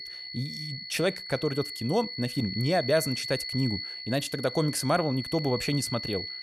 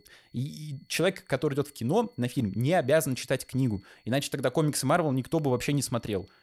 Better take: second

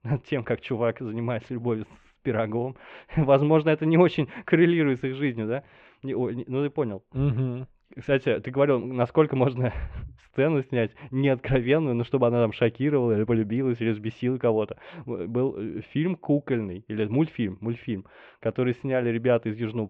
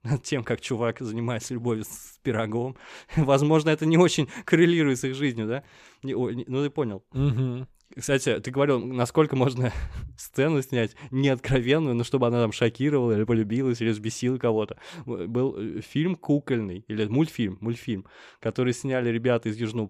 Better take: second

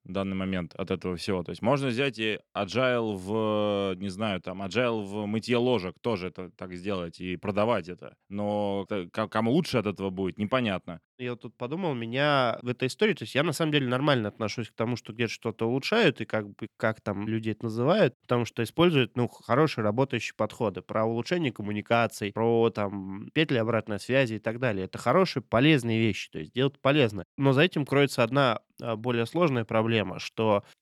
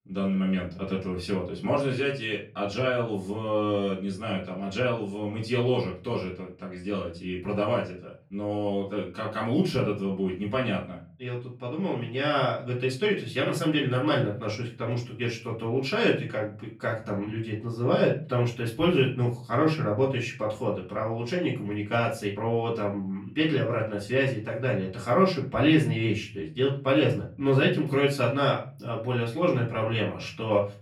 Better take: first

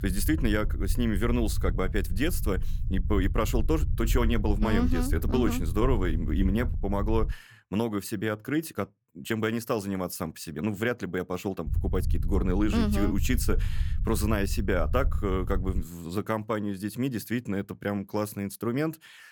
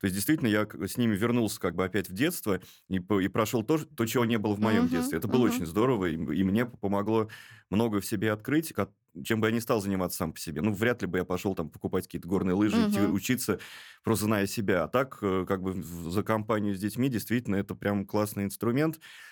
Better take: second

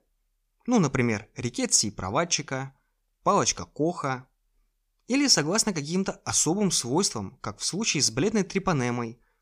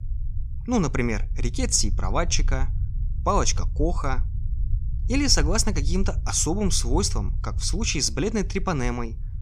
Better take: first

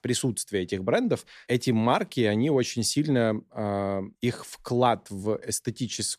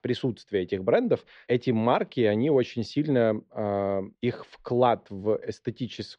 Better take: first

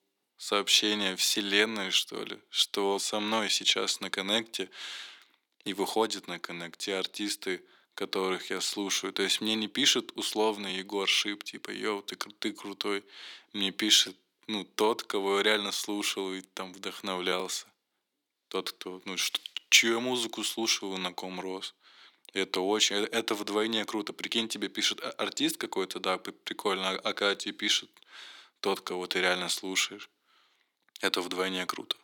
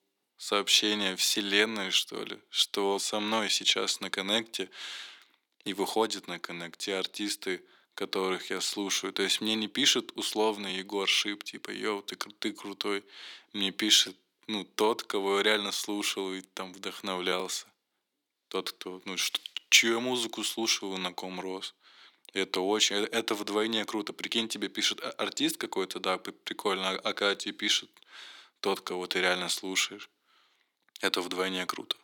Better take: neither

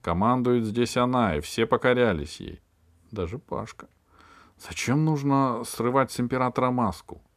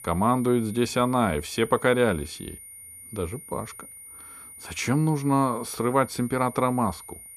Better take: first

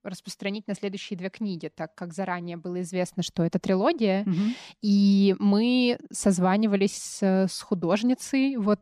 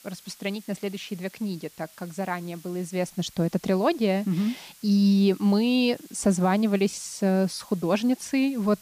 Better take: first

